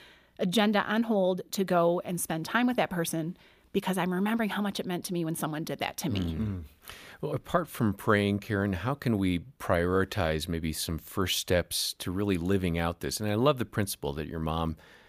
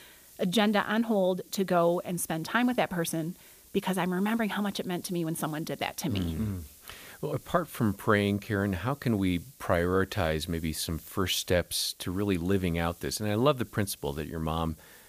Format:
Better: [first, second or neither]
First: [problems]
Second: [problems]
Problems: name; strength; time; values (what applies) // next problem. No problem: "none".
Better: first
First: none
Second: hiss; faint; throughout; 25 dB below the speech